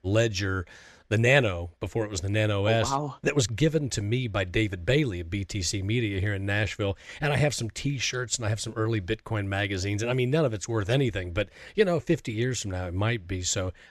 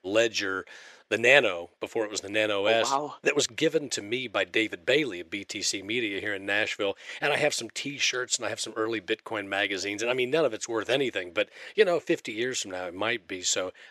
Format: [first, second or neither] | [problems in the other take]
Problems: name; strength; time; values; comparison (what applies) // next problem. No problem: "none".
first | thin; somewhat; fading below 400 Hz